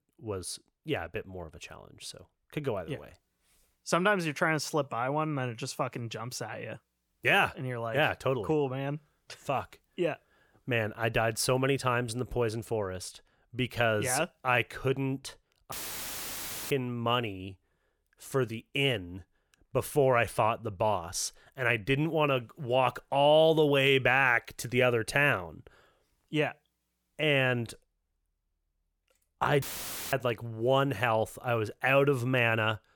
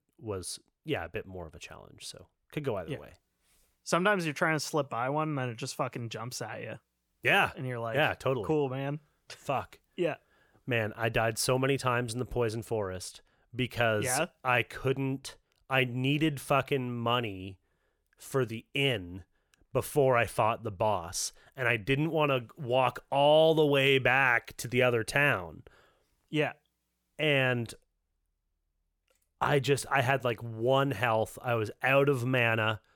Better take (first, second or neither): second